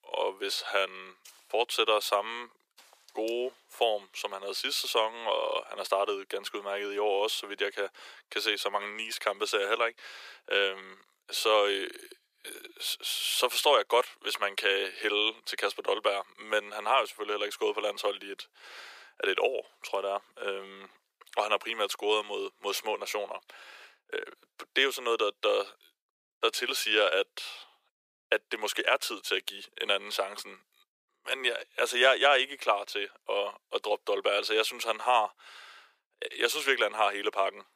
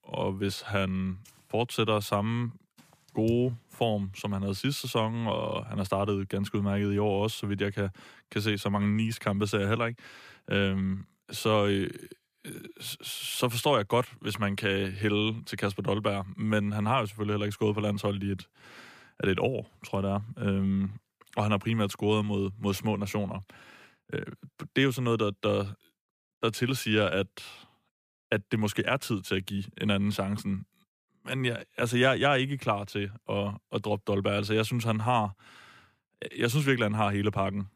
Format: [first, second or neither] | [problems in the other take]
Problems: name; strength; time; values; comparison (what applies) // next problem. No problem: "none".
second | thin; very; fading below 400 Hz